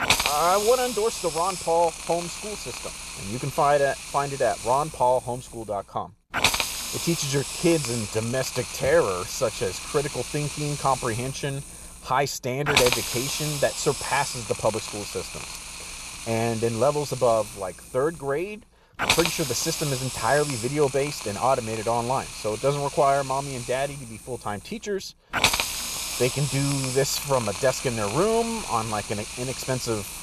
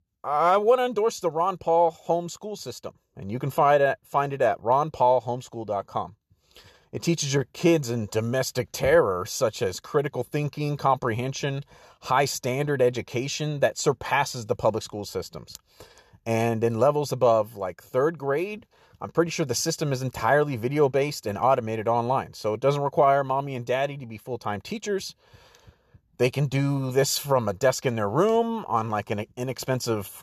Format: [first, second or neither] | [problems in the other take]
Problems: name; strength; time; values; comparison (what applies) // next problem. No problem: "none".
second | hiss; loud; throughout; 4 dB below the speech